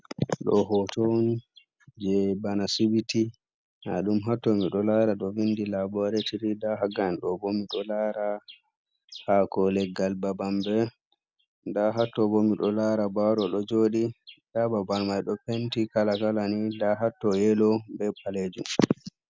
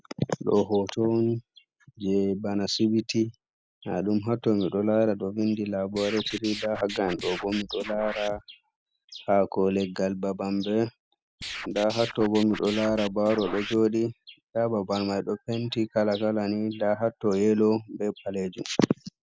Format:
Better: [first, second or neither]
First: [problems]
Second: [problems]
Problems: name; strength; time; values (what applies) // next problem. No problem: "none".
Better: first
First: none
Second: noise reduction (neural mask model Resemble Enhance denoiser)